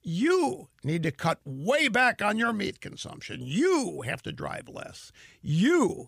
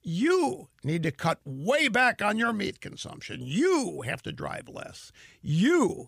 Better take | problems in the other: neither | none

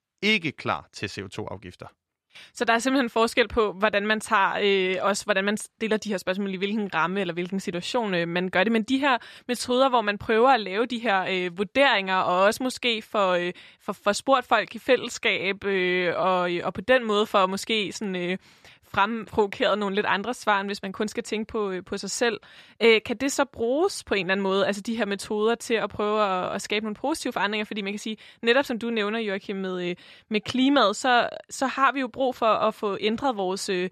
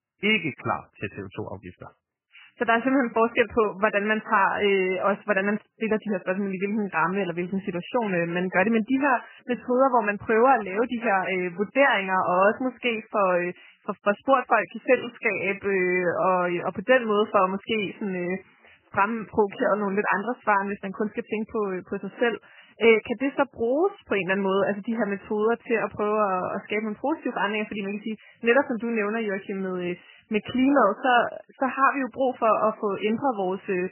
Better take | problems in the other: first | garbled, watery; badly; nothing above 3 kHz

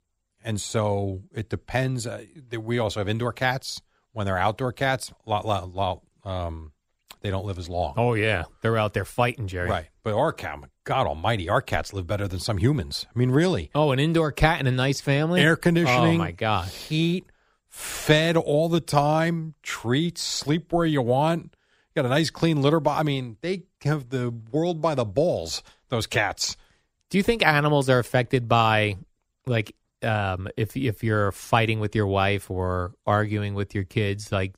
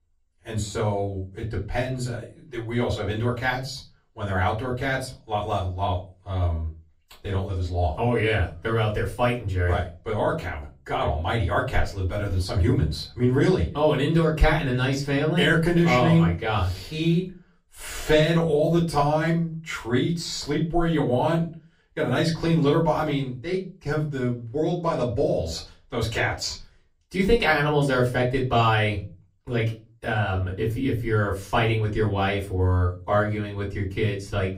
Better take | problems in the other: first | off-mic speech; far // room echo; very slight; dies away in 0.3 s

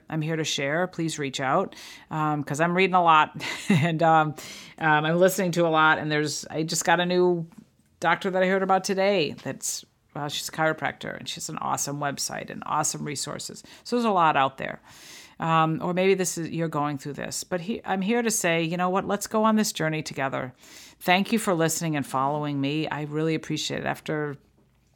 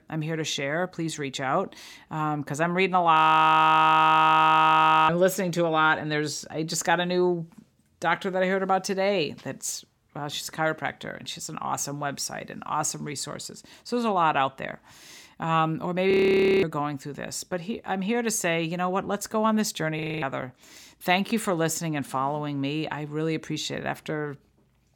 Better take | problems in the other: first | audio freezing; at 3 s for 2 s, at 16 s for 0.5 s and at 20 s

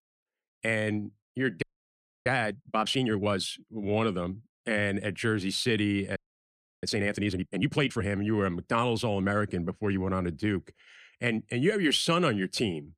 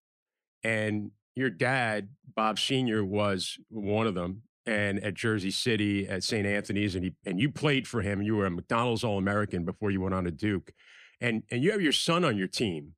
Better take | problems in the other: second | audio freezing; at 1.5 s for 0.5 s and at 6 s for 0.5 s

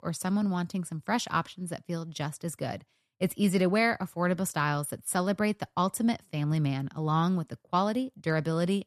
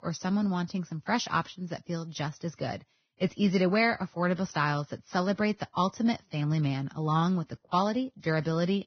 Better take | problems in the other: first | garbled, watery; badly; nothing above 6 kHz

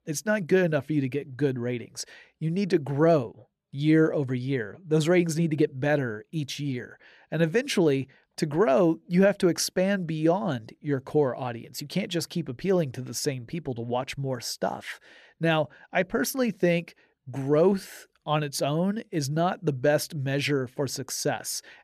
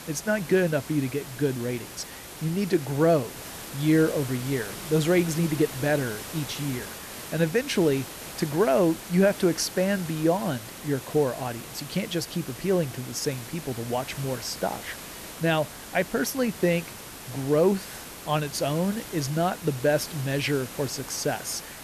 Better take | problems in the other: first | hiss; noticeable; throughout; 10 dB below the speech

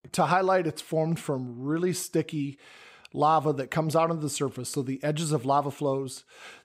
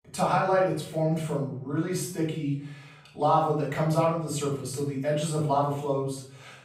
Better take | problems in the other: first | off-mic speech; far // room echo; noticeable; dies away in 0.6 s

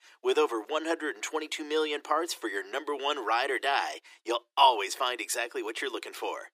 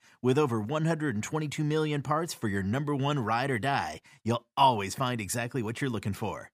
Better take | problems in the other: second | thin; very; fading below 300 Hz

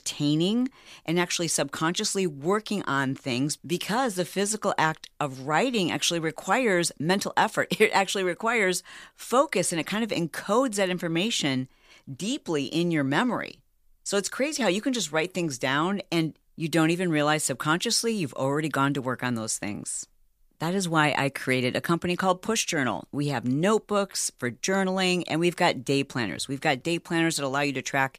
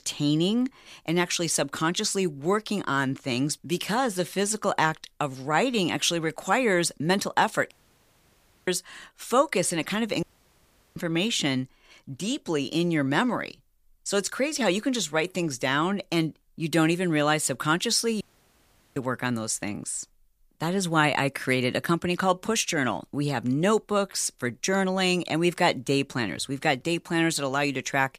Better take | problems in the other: first | audio cutting out; at 7.5 s for 1 s, at 10 s for 0.5 s and at 18 s for 1 s

